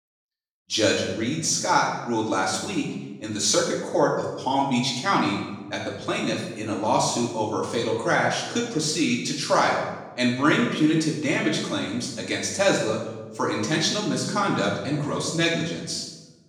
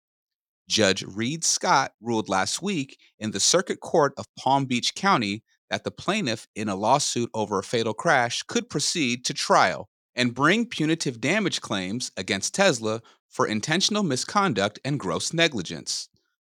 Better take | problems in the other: second | room echo; noticeable; dies away in 0.9 s // off-mic speech; far

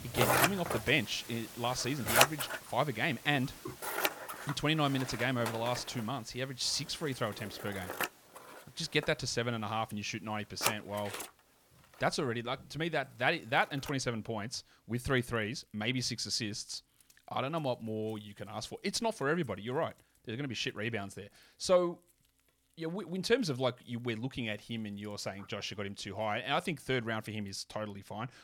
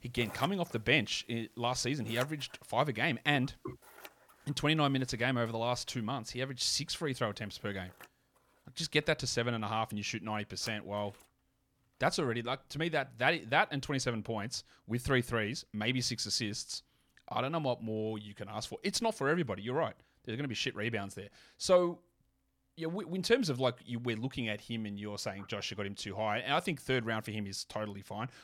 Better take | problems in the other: second | household noises; loud; throughout; 1 dB below the speech; faint in the second

